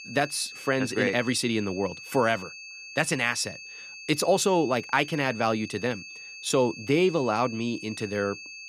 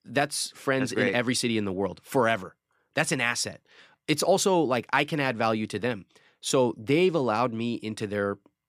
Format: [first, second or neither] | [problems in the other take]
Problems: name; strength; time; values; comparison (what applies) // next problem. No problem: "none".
second | high-pitched whine; noticeable; throughout; 2.5 kHz, 15 dB below the speech